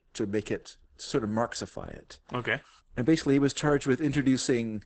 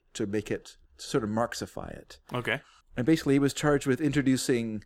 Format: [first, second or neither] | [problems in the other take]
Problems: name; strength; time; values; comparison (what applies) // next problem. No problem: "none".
second | garbled, watery; badly; nothing above 8 kHz